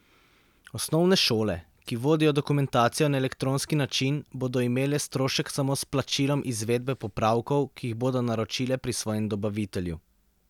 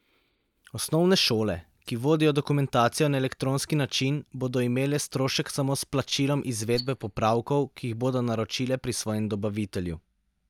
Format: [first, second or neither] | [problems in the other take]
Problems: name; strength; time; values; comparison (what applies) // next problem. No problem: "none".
first | noise reduction (neural mask model DeepFilterNet 3)